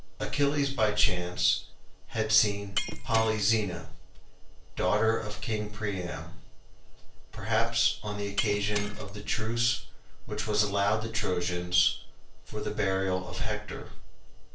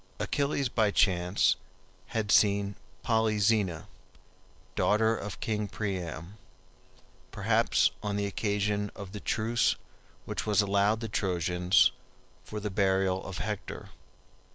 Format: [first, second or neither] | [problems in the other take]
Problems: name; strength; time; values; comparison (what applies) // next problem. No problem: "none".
second | background sound (Shatter); 13 dB below the speech // room echo; dies away in 0.3 s